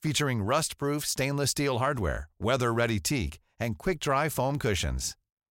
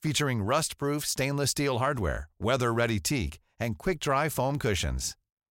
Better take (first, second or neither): neither